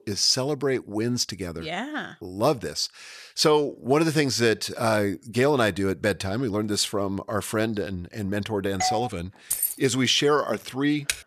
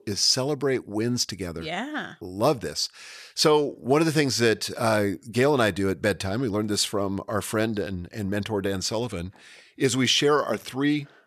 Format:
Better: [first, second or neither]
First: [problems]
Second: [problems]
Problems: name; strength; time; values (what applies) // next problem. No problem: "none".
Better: second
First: doorbell; noticeable; at 9 s; peak 3 dB below the speech // jangling keys; noticeable; at 9.5 s; peak level with the speech // keyboard typing; noticeable; at 11 s; peak 5 dB below the speech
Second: none